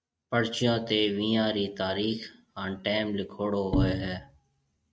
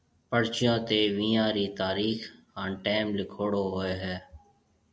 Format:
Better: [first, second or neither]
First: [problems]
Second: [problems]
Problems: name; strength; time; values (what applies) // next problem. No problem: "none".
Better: second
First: noise reduction (neural mask model RNNoise)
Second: none